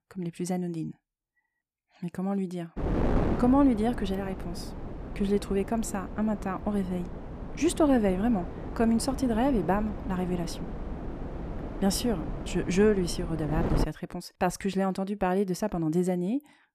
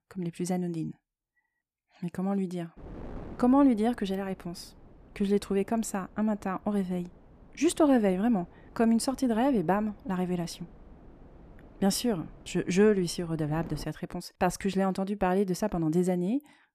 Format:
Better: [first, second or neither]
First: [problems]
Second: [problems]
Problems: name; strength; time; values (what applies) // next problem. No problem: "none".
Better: second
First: wind noise on the microphone; heavy; from 3 to 14 s; 9 dB below the speech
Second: wind noise on the microphone; occasional gusts; from 3 to 14 s; 25 dB below the speech